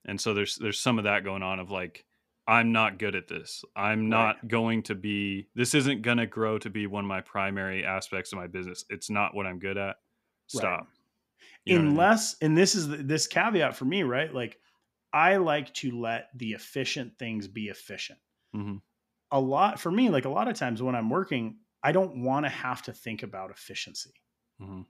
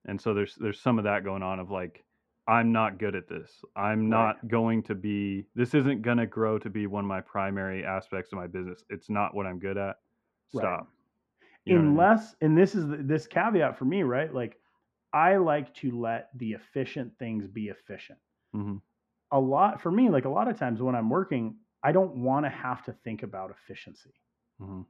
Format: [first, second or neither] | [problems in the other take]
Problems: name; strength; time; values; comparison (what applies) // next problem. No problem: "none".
first | muffled; very; fading above 3 kHz